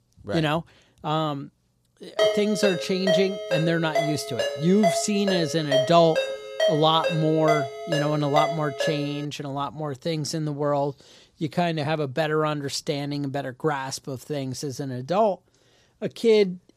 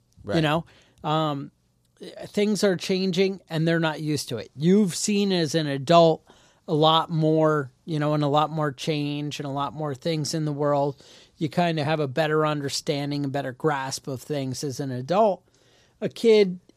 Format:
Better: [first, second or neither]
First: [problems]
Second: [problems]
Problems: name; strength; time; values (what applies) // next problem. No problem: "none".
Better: second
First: phone ringing; loud; from 2 to 9 s; peak 2 dB above the speech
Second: none